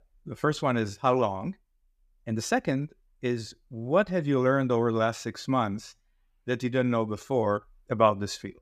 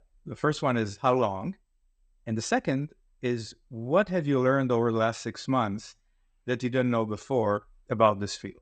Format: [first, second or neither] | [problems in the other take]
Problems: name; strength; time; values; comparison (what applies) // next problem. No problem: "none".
first | garbled, watery; slightly; nothing above 8 kHz